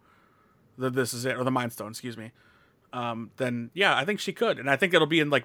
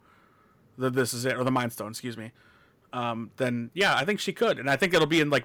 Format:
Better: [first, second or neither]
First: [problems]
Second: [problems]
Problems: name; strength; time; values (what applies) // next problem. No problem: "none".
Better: first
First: none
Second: distortion; slight; 1.5% of the sound clipped